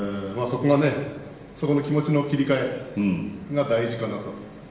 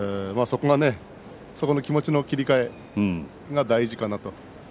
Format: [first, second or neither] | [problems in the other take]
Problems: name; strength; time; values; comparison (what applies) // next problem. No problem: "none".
second | room echo; dies away in 1 s